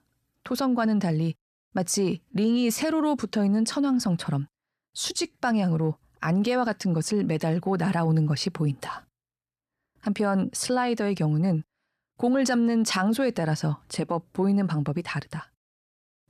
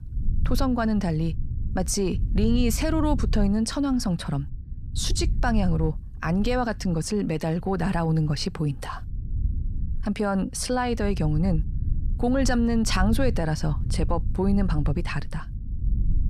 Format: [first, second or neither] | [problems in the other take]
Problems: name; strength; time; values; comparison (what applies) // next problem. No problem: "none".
first | low rumble; noticeable; throughout; 20 dB below the speech